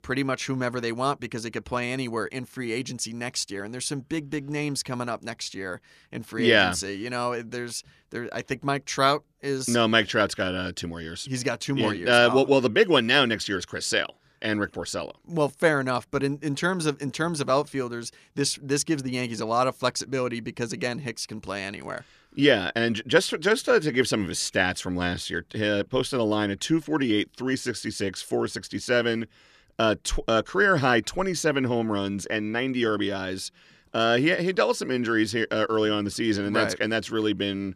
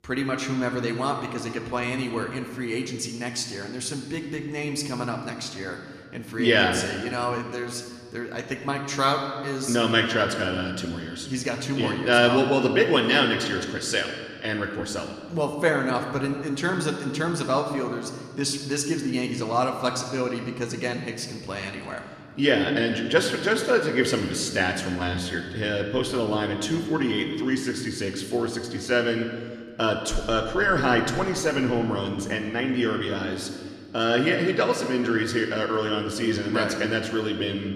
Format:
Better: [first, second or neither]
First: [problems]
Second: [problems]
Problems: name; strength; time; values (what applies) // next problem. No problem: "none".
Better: first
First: none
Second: room echo; slight; dies away in 1.6 s